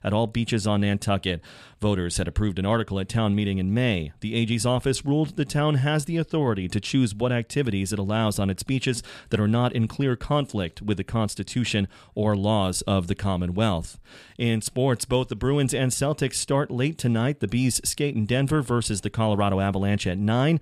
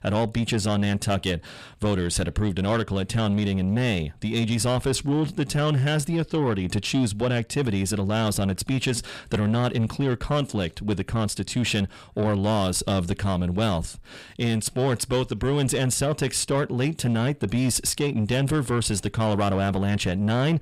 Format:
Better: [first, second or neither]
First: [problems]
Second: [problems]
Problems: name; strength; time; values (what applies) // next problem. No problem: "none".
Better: first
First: none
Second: distortion; slight; 10 dB below the speech